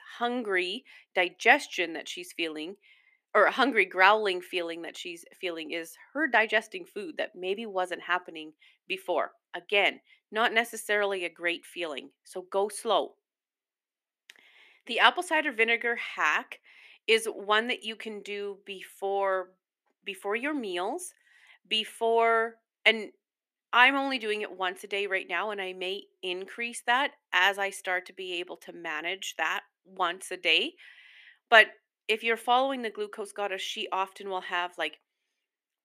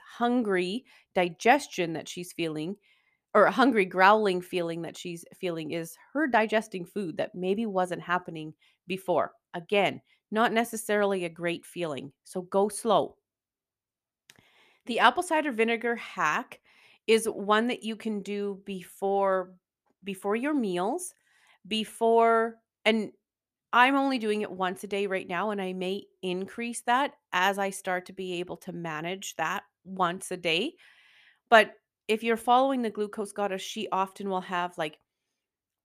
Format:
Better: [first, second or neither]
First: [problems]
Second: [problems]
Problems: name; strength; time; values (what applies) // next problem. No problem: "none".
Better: second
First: thin; somewhat; fading below 250 Hz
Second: none